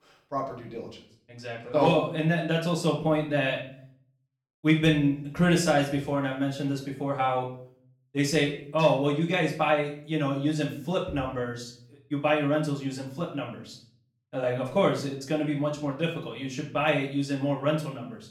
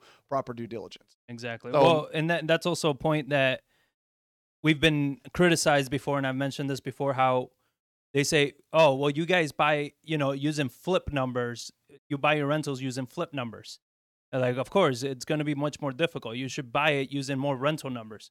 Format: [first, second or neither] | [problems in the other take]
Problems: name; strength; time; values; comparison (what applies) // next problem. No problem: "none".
second | off-mic speech; far // room echo; slight; dies away in 0.5 s